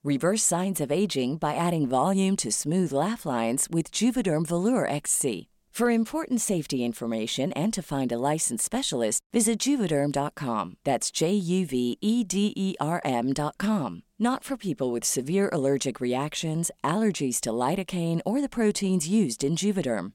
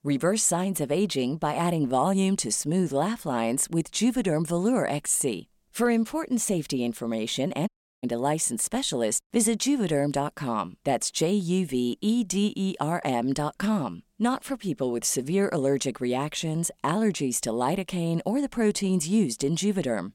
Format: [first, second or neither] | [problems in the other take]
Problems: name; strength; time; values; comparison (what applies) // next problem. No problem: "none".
first | audio cutting out; at 7.5 s